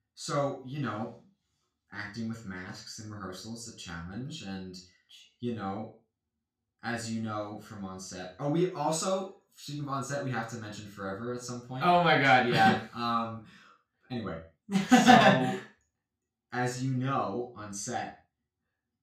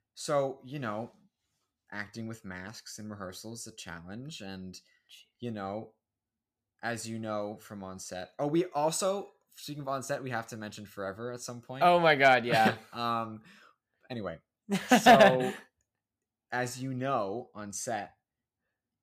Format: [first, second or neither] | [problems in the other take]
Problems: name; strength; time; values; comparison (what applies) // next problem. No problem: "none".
second | room echo; noticeable; dies away in 0.3 s // off-mic speech; far